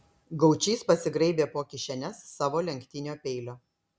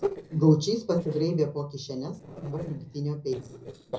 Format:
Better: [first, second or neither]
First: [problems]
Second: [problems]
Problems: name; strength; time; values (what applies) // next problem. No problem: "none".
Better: first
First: none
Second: noise reduction (neural separator model SepFormer DNS4)